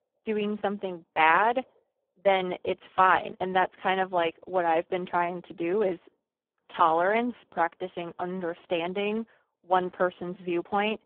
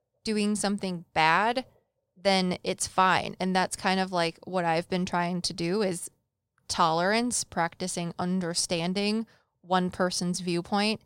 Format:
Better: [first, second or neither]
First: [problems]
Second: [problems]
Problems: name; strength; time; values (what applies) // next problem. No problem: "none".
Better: second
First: phone-call audio; poor line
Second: none